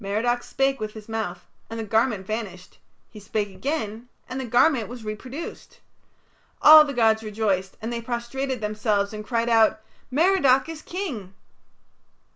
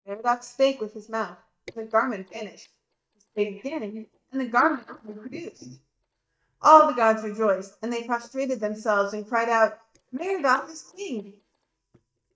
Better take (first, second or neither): first